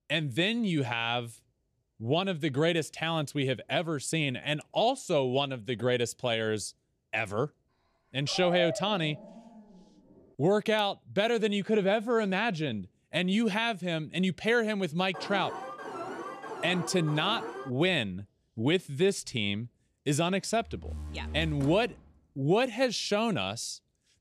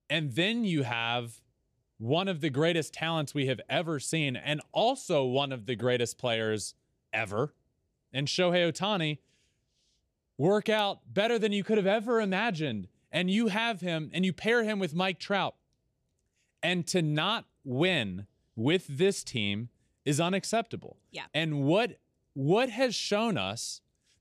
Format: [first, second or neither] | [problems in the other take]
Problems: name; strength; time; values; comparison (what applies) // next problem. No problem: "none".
second | dog barking; noticeable; from 8.5 to 9.5 s; peak 5 dB below the speech // alarm; noticeable; from 15 to 18 s; peak 9 dB below the speech // door banging; noticeable; from 21 to 22 s; peak 10 dB below the speech